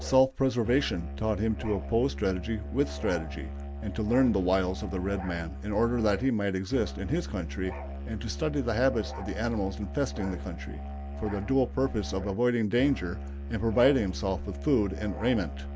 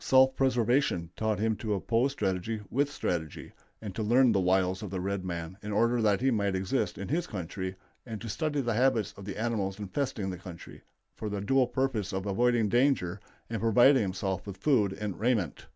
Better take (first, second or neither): second